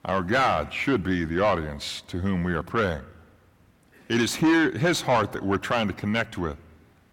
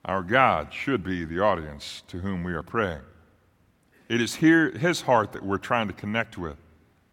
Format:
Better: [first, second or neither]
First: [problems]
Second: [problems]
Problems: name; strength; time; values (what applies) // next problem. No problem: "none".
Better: second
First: distortion; heavy; 6 dB below the speech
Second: none